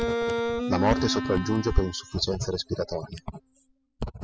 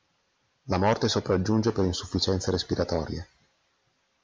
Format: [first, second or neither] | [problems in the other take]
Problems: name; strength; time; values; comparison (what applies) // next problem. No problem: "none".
second | noise reduction (classical method spectral subtraction)